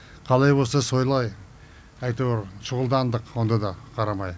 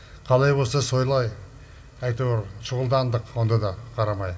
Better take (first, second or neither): first